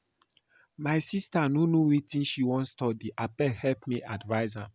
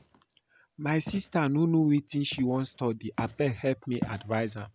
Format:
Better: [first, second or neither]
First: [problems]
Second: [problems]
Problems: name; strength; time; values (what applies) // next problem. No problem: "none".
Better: first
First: none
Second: background sound (Walk, footsteps); 15 dB below the speech